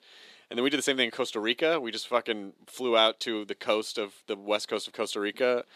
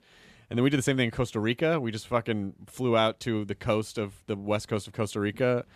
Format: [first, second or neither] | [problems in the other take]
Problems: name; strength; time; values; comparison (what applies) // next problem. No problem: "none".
second | thin; somewhat; fading below 300 Hz